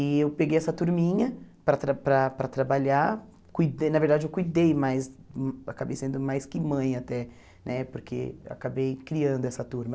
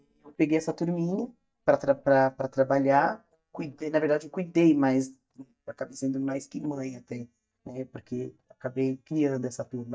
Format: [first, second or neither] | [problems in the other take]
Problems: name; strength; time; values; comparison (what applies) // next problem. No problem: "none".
first | noise reduction (neural mask model DeepFilterNet 3)